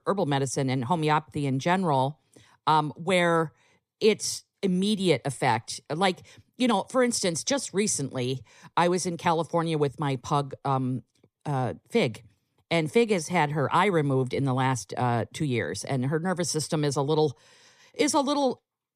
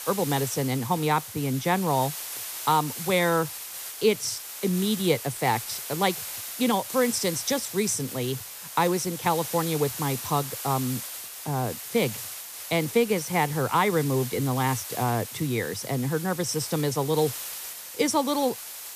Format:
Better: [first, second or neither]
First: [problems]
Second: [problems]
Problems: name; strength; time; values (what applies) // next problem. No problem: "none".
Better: first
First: none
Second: hiss; loud; throughout; 8 dB below the speech